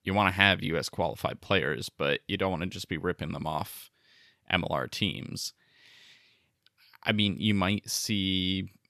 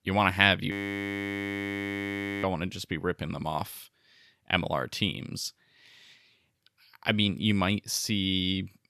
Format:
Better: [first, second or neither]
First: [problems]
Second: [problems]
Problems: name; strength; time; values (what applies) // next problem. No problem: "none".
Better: first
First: none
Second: audio freezing; at 0.5 s for 1.5 s